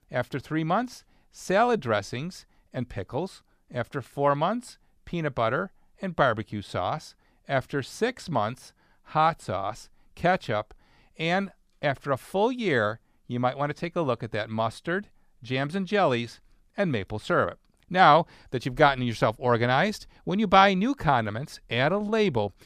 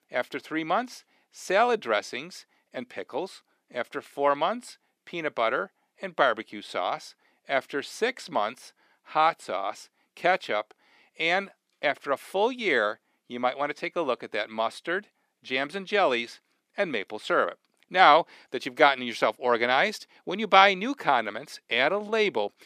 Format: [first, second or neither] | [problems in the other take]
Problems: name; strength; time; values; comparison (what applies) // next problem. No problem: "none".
first | thin; somewhat; fading below 300 Hz